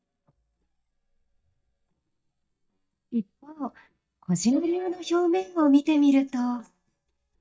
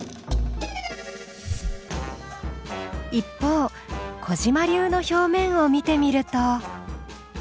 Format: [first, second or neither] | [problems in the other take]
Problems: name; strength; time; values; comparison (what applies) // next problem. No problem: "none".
second | noise reduction (neural mask model DeepFilterNet 3)